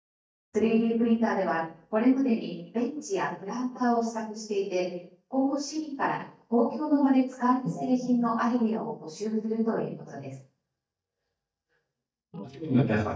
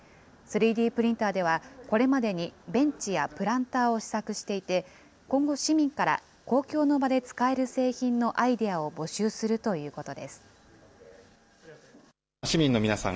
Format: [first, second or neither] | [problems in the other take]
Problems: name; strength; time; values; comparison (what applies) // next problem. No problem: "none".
second | noise reduction (neural mask model DeepFilterNet 3)